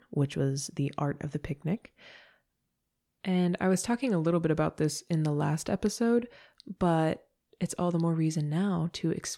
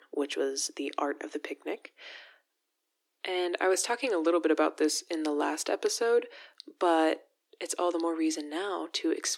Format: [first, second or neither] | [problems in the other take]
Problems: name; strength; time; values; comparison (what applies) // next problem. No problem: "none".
first | thin; very; fading below 300 Hz